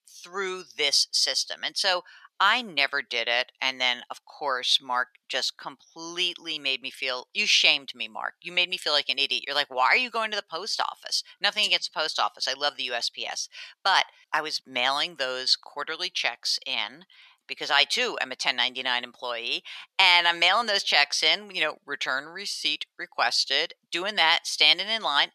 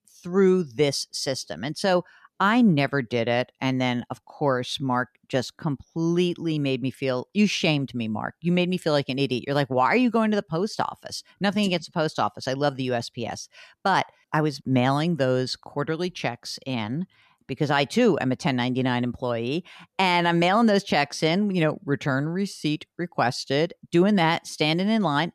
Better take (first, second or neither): second